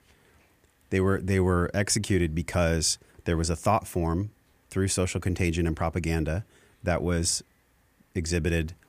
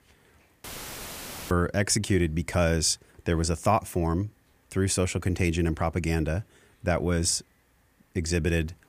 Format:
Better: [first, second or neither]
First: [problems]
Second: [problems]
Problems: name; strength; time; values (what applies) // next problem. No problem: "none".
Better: first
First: none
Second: audio cutting out; filled with static; at 0.5 s for 1 s